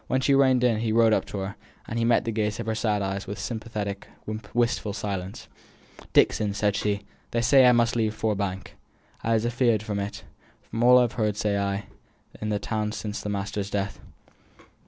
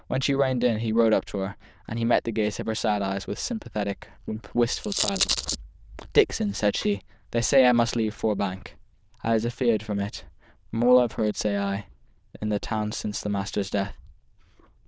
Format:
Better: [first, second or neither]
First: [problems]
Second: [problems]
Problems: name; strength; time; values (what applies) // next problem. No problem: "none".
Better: first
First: none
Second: noise reduction (neural diffusion model UNIVERSE++)